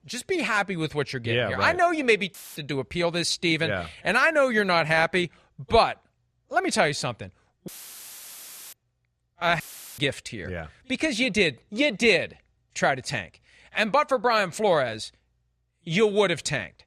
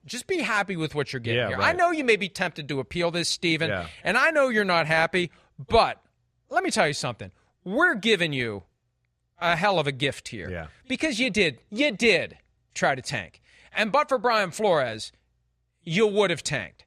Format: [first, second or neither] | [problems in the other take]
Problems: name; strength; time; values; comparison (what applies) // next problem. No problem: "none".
second | audio cutting out; filled with static; at 2.5 s, at 7.5 s for 1 s and at 9.5 s